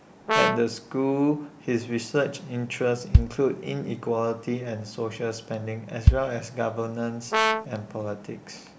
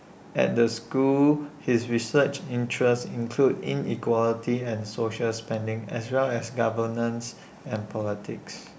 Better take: second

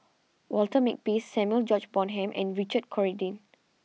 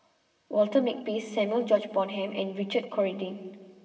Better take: first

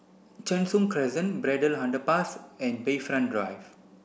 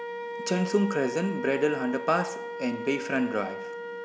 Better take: first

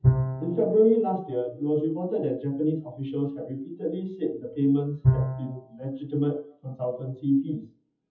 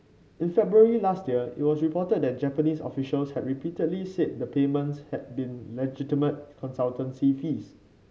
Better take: second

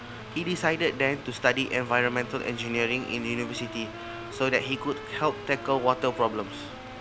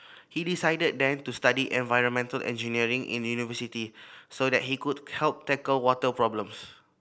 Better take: second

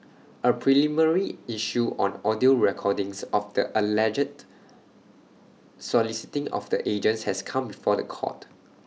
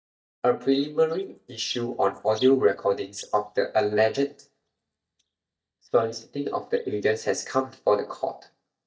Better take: first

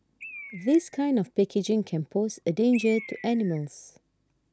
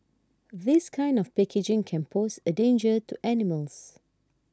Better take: second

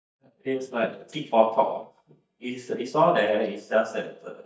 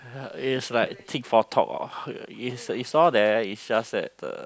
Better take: second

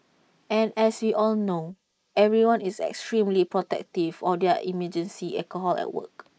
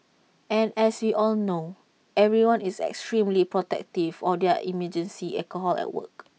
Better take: second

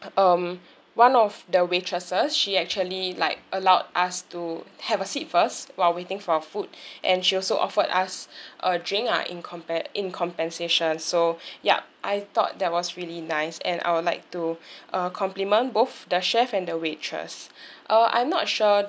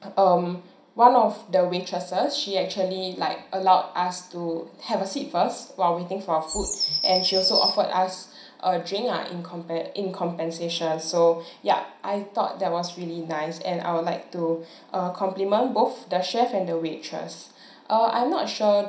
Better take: first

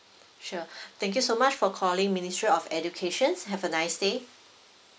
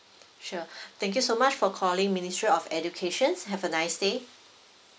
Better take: second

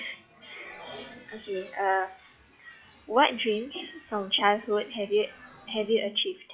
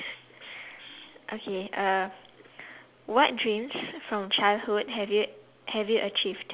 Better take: second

